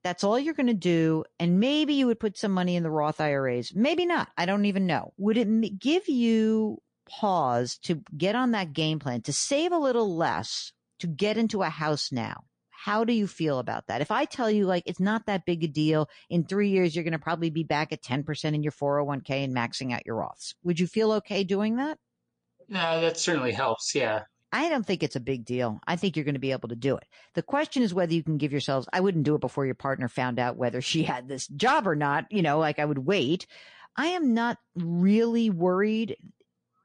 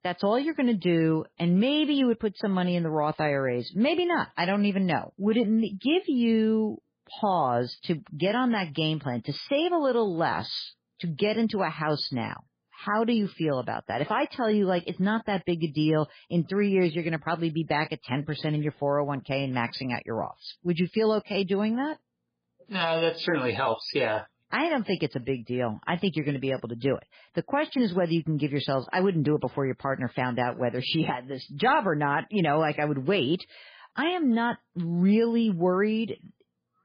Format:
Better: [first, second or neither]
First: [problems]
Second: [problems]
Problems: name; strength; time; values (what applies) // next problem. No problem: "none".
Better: first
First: garbled, watery; slightly; nothing above 9 kHz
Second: garbled, watery; badly; nothing above 5 kHz